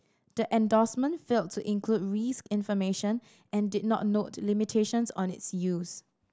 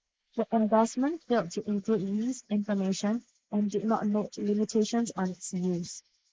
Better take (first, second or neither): first